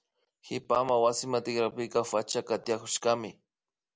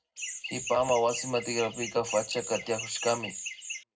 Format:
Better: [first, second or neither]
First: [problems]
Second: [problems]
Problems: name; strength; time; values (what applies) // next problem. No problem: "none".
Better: first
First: none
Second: background sound (Chirp, tweet); 8 dB below the speech // room echo; dies away in 0.3 s